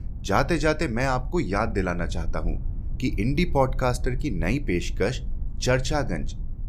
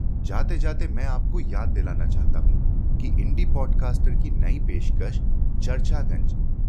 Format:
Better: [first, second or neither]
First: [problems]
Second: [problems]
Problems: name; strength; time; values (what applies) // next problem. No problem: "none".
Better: first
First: low rumble; faint; throughout; 25 dB below the speech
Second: low rumble; loud; throughout; 4 dB below the speech